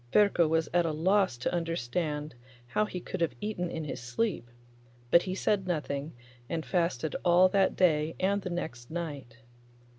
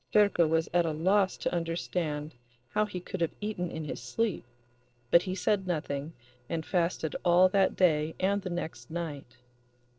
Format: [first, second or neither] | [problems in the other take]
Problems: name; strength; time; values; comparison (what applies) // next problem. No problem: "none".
first | noise reduction (neural separator model SepFormer DNS4)